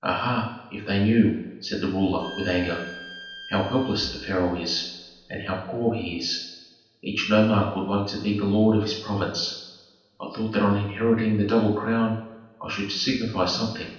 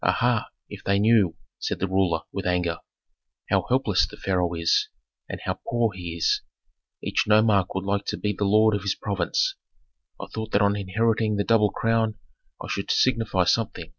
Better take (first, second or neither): second